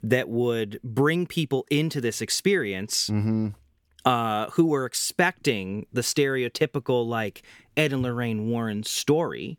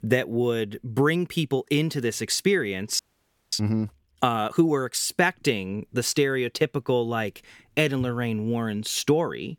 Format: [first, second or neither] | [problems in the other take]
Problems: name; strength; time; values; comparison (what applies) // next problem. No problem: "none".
first | audio freezing; at 3 s for 0.5 s